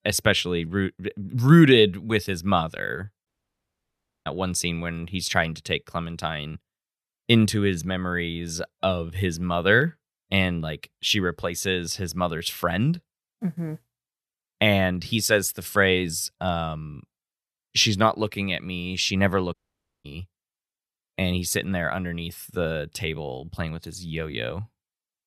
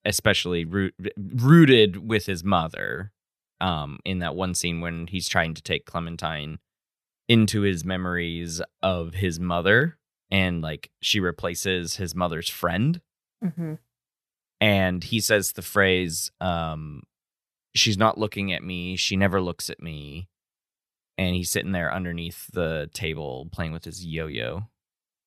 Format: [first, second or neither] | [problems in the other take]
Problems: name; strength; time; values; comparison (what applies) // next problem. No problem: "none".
second | audio cutting out; at 3.5 s for 1 s and at 20 s for 0.5 s